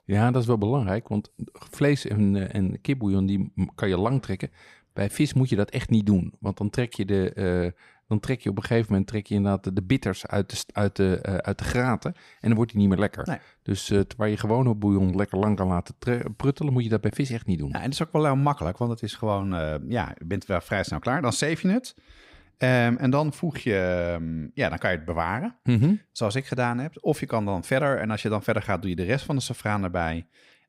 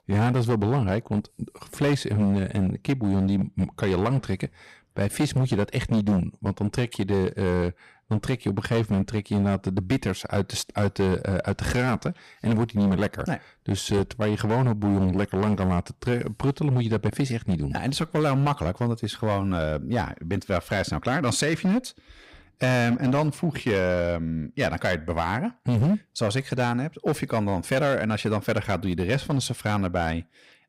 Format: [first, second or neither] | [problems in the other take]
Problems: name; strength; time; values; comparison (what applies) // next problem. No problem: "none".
first | distortion; slight; 10% of the sound clipped